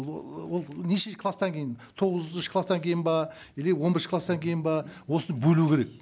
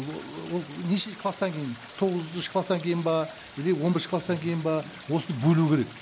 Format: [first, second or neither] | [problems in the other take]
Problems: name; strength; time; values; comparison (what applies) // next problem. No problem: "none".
first | background sound (Stream); 19 dB below the speech